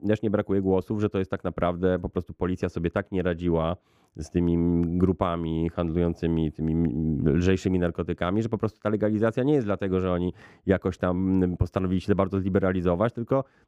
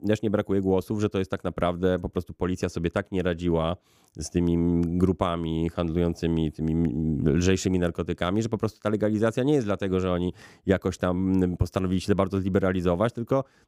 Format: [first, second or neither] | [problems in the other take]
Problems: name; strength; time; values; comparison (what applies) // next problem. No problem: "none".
second | muffled; slightly; fading above 3.5 kHz